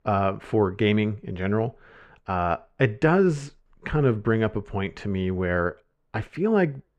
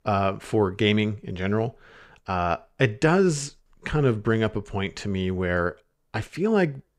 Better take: second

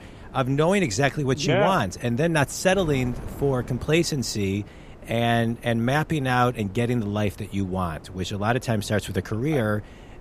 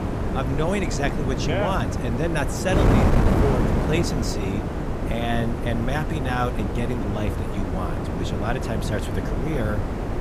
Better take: first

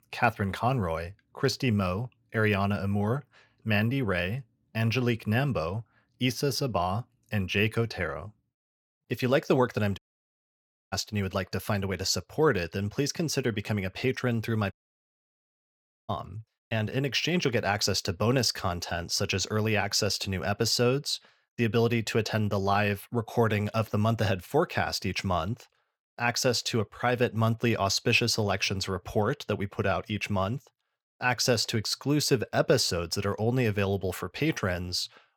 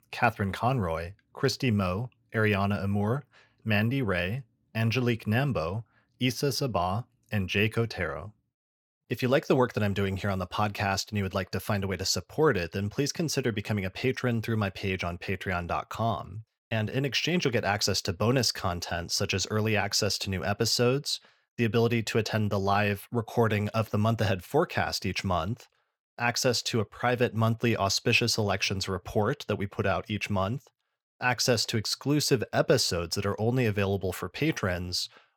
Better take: second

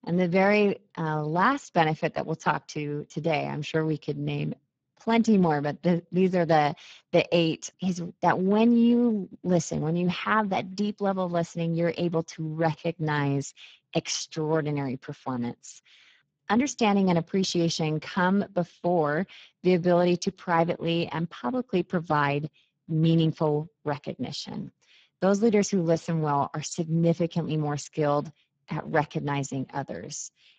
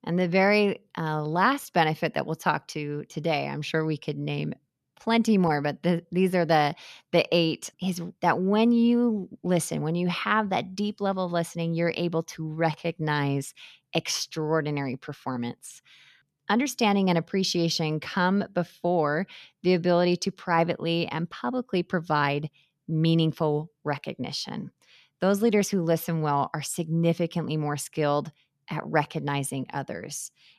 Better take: second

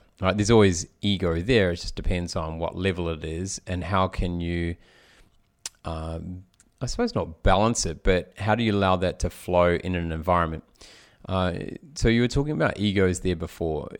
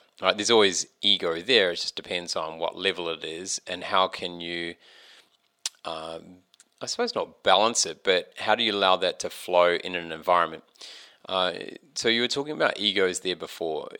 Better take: first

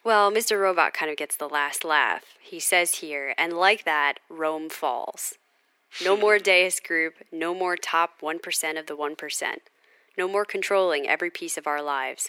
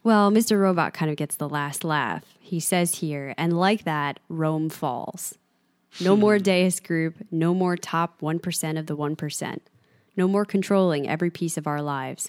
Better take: second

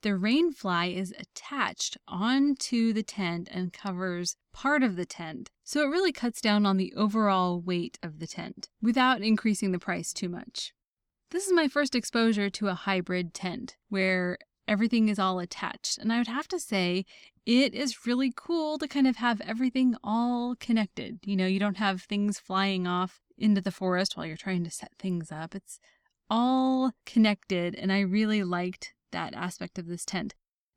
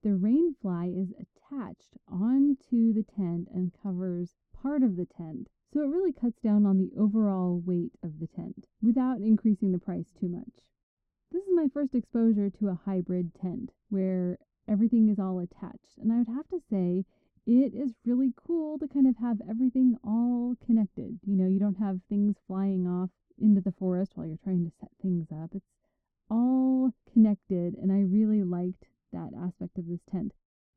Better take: first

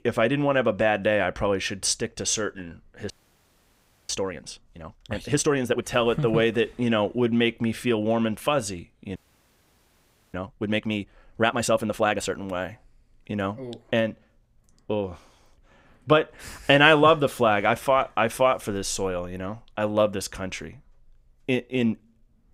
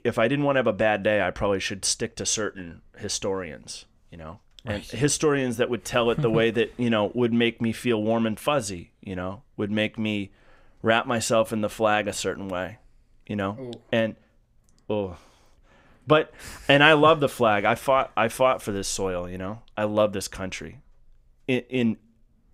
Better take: second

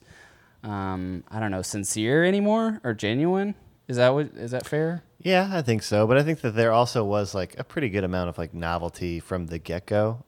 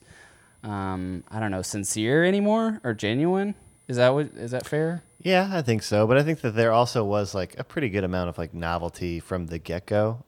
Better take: first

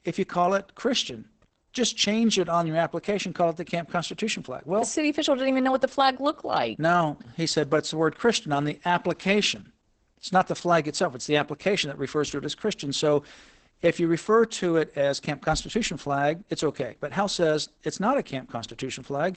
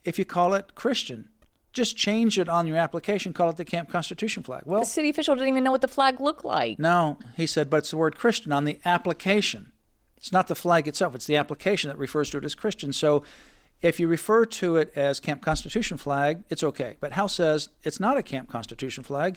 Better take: second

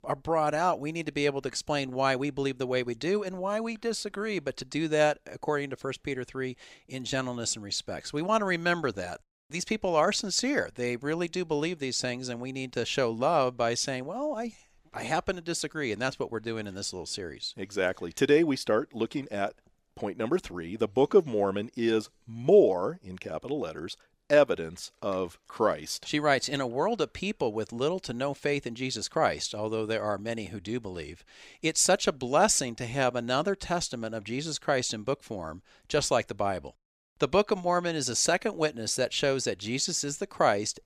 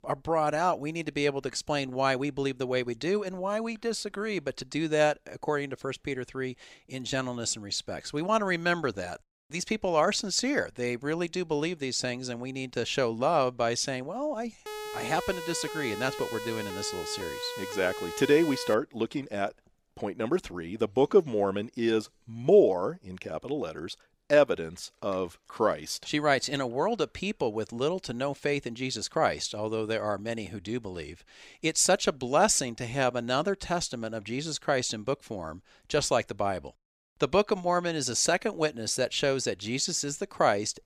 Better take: first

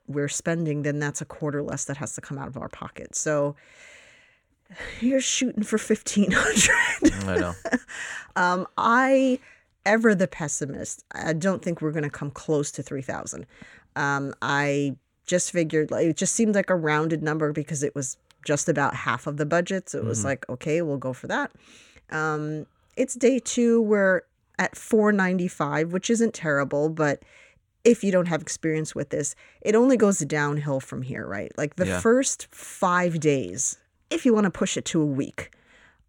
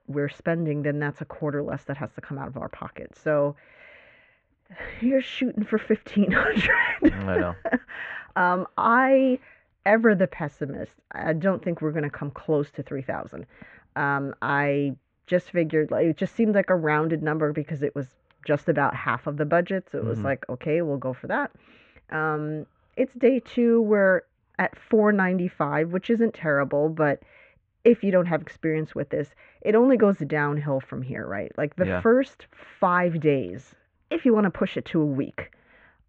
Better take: first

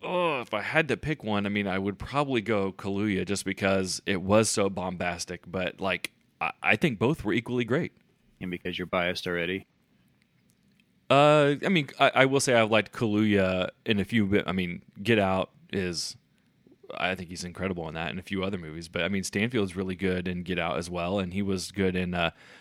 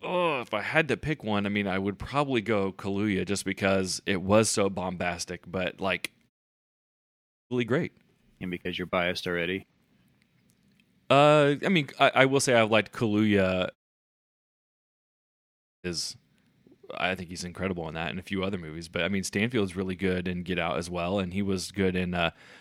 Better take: first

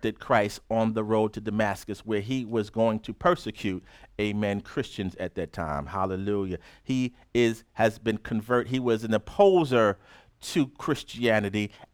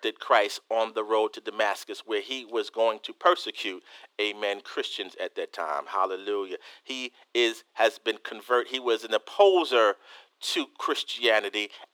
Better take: first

